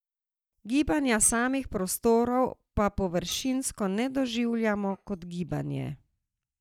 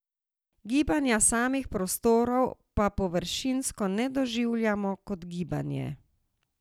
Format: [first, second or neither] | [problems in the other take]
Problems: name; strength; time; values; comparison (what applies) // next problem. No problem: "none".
second | noise reduction (neural mask model DeepFilterNet 3)